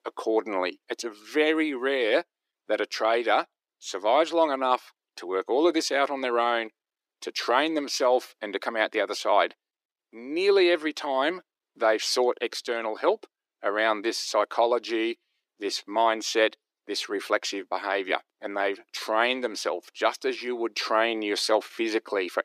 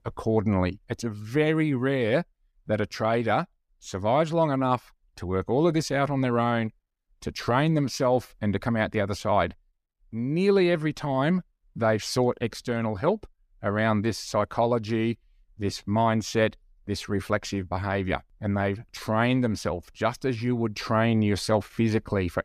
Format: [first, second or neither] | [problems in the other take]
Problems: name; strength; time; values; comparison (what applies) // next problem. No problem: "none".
second | thin; very; fading below 300 Hz